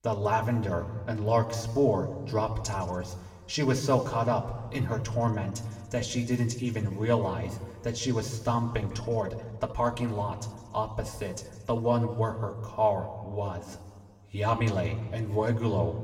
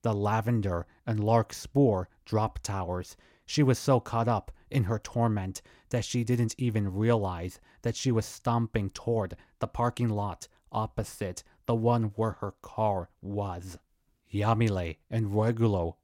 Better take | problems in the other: second | room echo; slight; dies away in 1.4 s // off-mic speech; somewhat distant

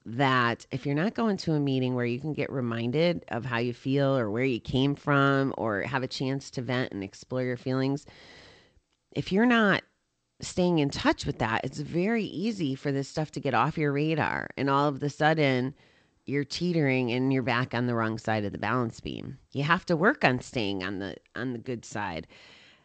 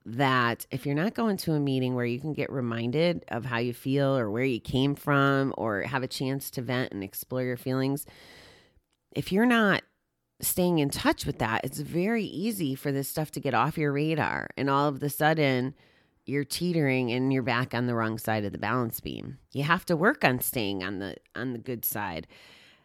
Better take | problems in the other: second | garbled, watery; slightly; nothing above 8 kHz

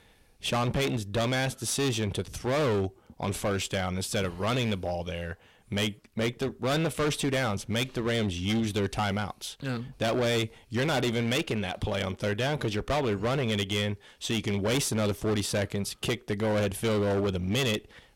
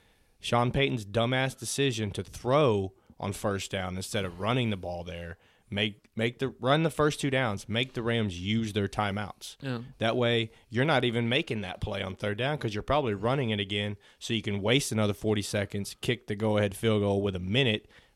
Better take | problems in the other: second | distortion; heavy; 20% of the sound clipped

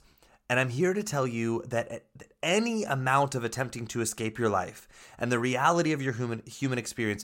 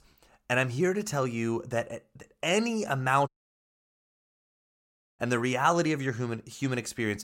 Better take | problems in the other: first | audio cutting out; at 3.5 s for 2 s

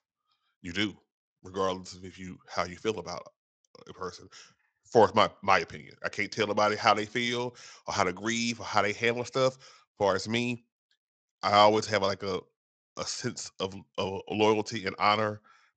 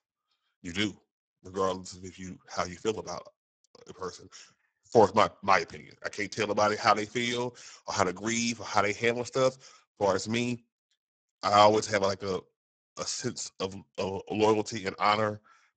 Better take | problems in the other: first | garbled, watery; badly; nothing above 7.5 kHz; slightly in the first

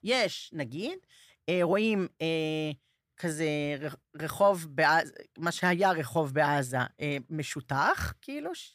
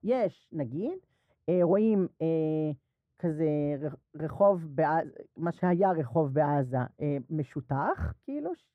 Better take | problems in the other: first | muffled; very; fading above 1.5 kHz

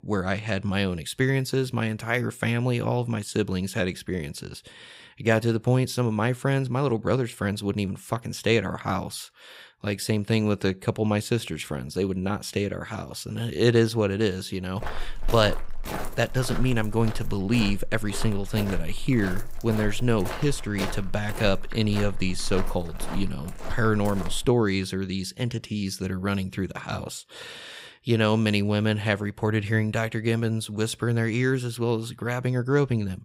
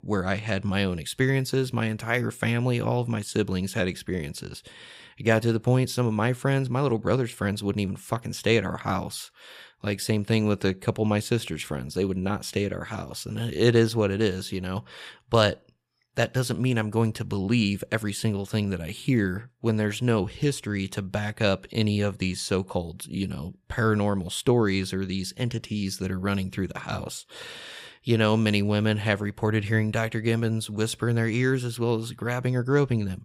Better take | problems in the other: second | footsteps; noticeable; from 15 to 24 s; peak 8 dB below the speech

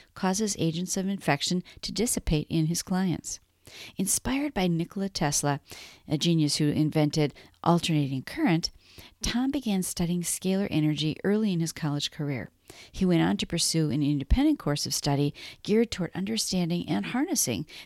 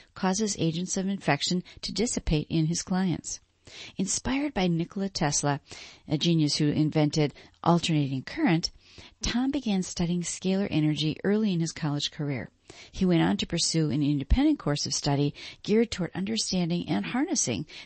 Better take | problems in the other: first | garbled, watery; slightly; nothing above 8 kHz

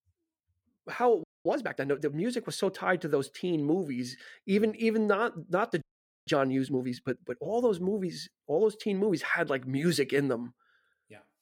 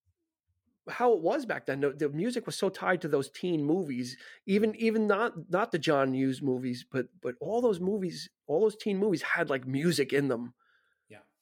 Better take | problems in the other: second | audio freezing; at 1 s and at 6 s

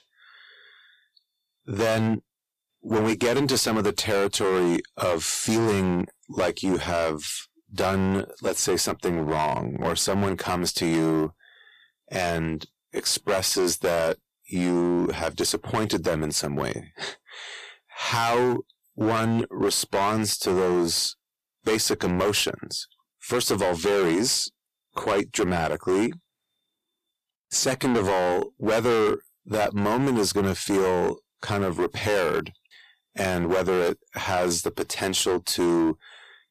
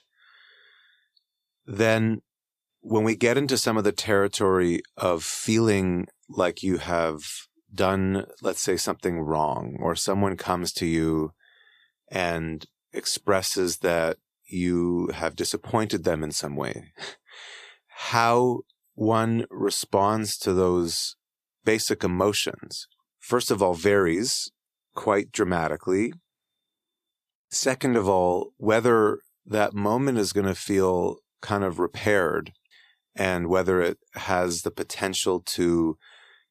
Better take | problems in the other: second | distortion; heavy; 12% of the sound clipped

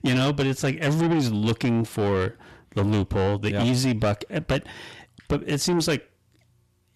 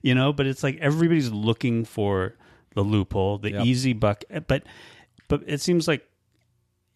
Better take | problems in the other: second | distortion; heavy; 7 dB below the speech

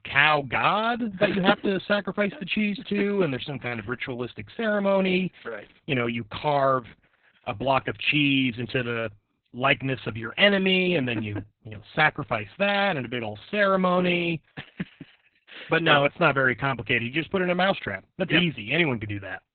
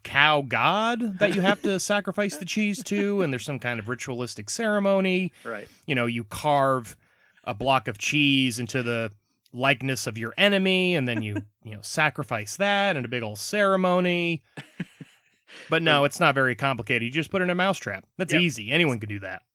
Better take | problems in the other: second | garbled, watery; badly; slightly in the second

